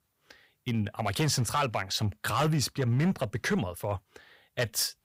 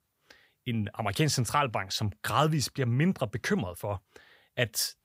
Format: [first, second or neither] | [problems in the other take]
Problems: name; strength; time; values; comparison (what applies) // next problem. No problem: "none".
second | distortion; slight; 5% of the sound clipped